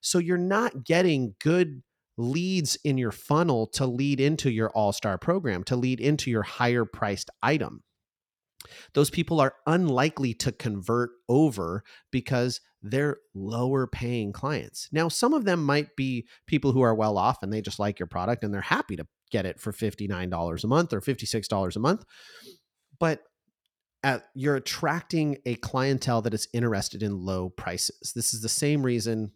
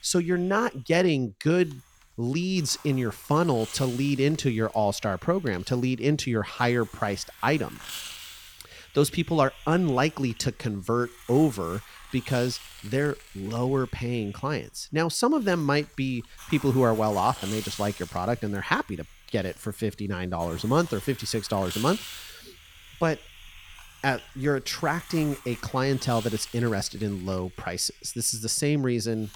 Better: first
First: none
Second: hiss; noticeable; throughout; 15 dB below the speech

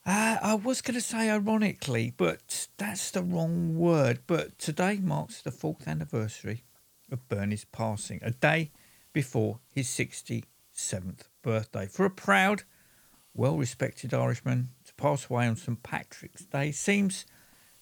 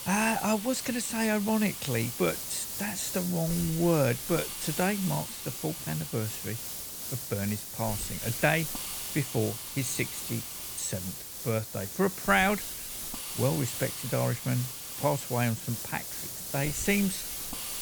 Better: first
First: hiss; faint; throughout; 30 dB below the speech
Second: hiss; loud; throughout; 5 dB below the speech

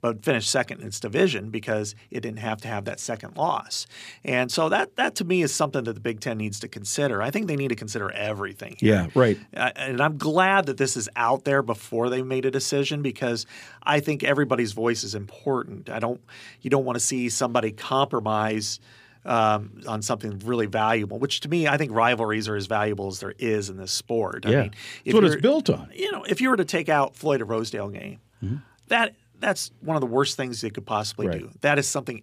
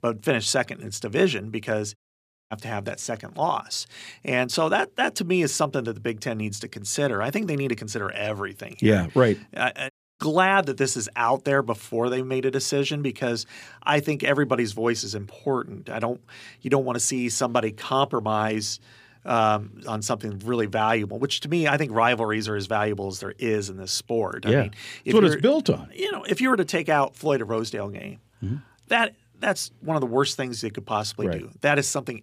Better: first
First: none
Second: audio cutting out; at 2 s for 0.5 s and at 10 s

